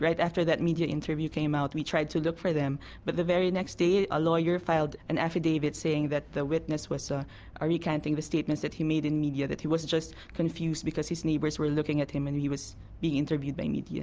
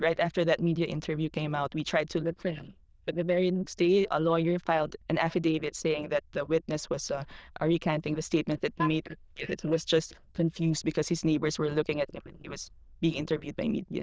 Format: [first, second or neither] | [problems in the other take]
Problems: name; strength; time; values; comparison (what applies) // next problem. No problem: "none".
first | noise reduction (neural diffusion model UNIVERSE++)